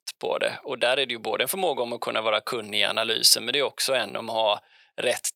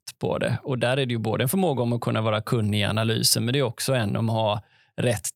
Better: second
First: thin; very; fading below 550 Hz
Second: none

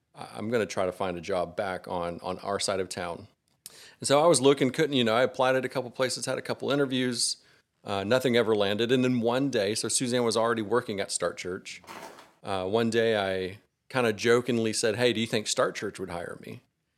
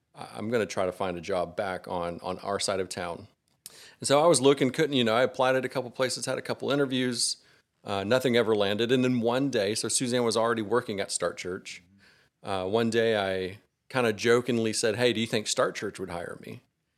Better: second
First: footsteps; faint; at 12 s; peak 15 dB below the speech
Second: none

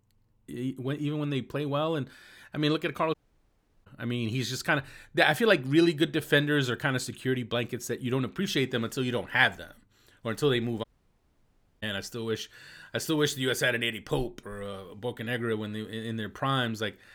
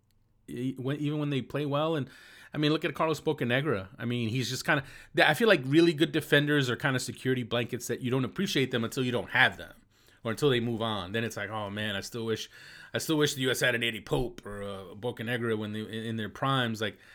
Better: second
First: audio cutting out; at 3 s for 0.5 s and at 11 s for 1 s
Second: none

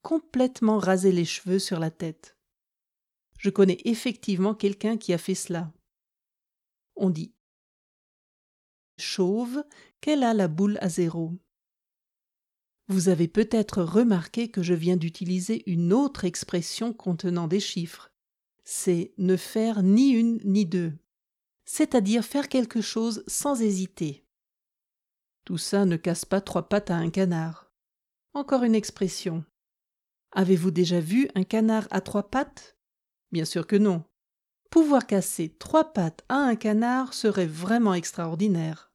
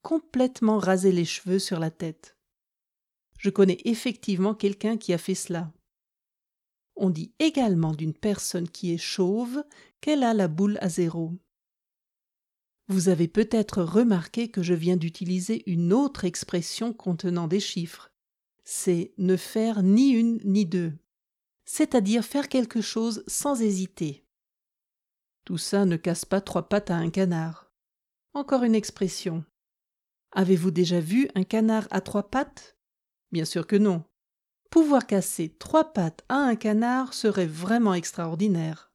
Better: second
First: audio cutting out; at 7.5 s for 1.5 s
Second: none

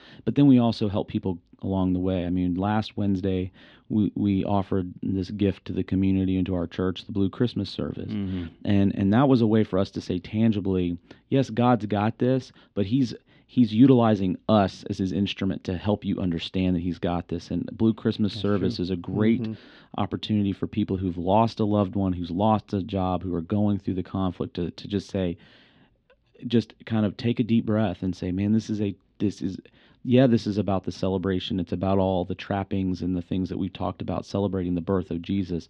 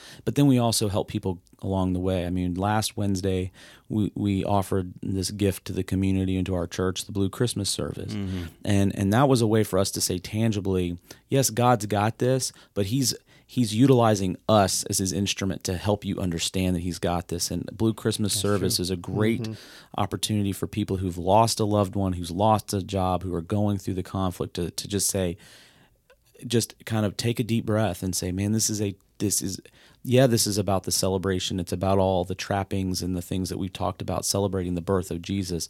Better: second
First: muffled; slightly; fading above 3.5 kHz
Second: none

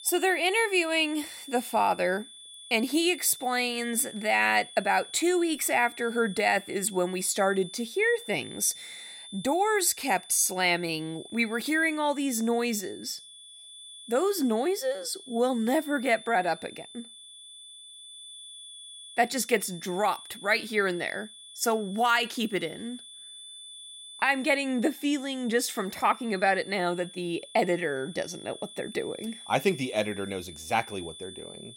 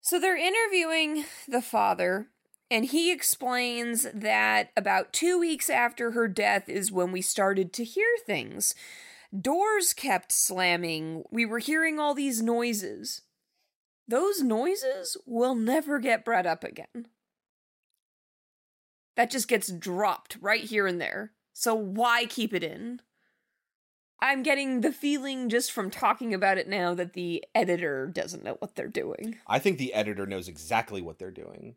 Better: second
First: high-pitched whine; noticeable; throughout; 3.5 kHz, 15 dB below the speech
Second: none

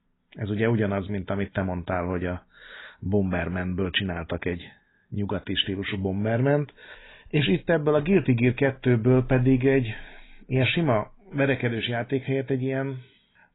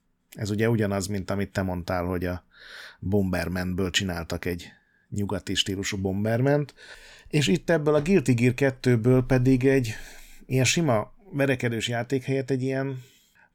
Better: second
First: garbled, watery; badly; nothing above 3.5 kHz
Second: none

